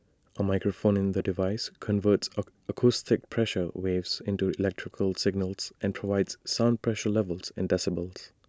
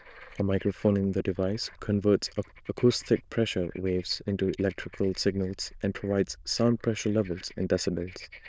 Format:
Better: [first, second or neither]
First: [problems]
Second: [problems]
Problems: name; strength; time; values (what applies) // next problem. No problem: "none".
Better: first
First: none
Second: noise reduction (neural diffusion model UNIVERSE++)